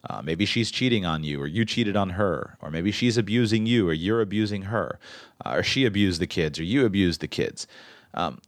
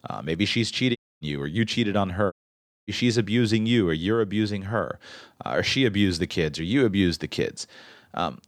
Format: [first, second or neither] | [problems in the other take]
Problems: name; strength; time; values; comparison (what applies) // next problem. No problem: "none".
first | audio cutting out; at 1 s and at 2.5 s for 0.5 s